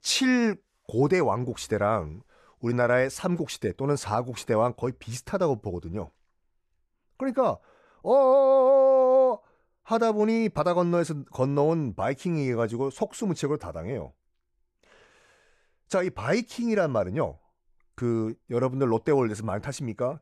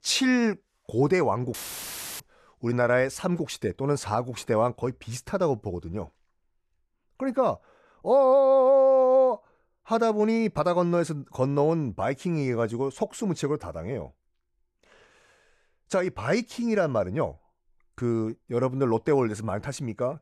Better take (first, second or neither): first